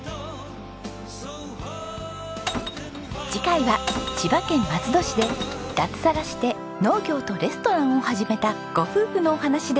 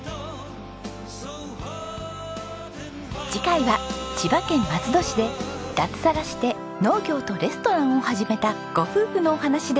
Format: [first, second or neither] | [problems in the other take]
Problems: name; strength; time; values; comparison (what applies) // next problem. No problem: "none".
second | background sound (Glass); 10 dB below the speech